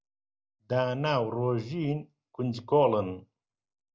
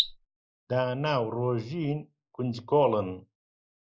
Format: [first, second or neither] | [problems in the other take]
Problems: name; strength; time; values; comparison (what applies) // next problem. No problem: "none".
first | noise reduction (neural mask model Resemble Enhance denoiser)